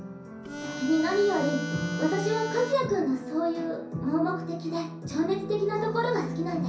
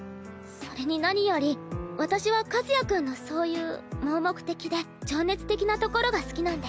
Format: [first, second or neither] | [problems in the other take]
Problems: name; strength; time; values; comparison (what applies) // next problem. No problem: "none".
second | background sound (Harmonica); 9 dB below the speech // room echo; dies away in 0.6 s